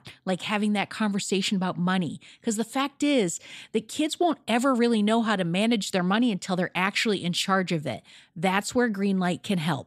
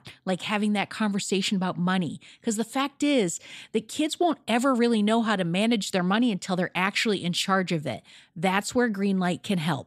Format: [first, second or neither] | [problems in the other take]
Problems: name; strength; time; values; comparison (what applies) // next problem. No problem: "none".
neither | none